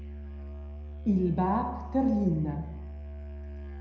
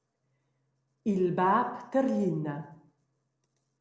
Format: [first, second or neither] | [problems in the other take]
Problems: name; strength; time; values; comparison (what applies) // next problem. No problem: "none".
second | background sound (Musical instrument); 9 dB below the speech // room echo; dies away in 0.8 s